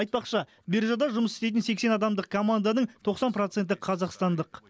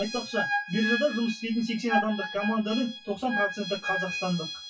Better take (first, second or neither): first